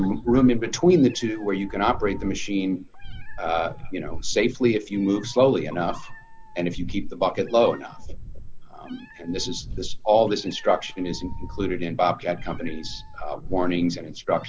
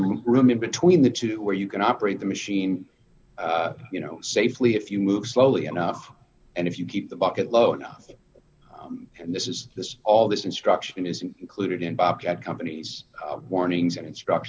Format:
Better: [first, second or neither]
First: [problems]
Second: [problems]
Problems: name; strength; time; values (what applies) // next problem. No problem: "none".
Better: second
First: background sound (Meow); 8 dB below the speech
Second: none